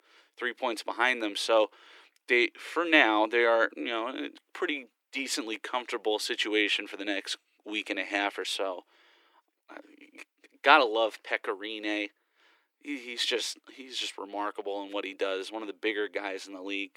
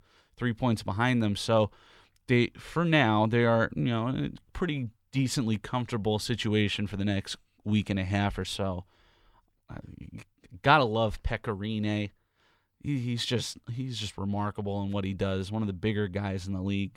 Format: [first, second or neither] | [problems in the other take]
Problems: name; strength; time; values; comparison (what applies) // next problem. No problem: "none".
second | thin; very; fading below 300 Hz